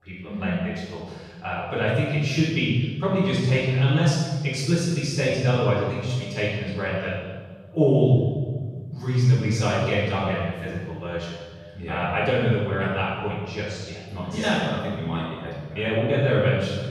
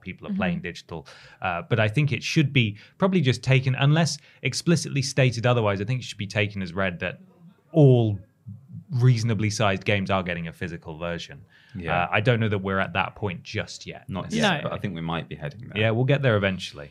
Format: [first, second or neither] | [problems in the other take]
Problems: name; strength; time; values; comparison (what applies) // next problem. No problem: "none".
second | off-mic speech; far // room echo; strong; dies away in 1.3 s